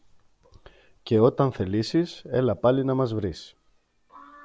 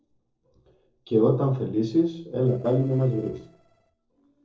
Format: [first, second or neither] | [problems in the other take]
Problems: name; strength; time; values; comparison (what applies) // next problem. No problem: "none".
first | noise reduction (neural separator model SepFormer DNS4)